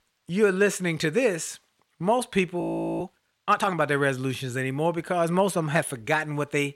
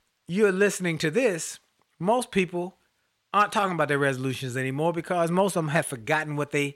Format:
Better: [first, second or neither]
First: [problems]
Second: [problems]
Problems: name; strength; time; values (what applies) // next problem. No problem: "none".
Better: second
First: audio freezing; at 2.5 s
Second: none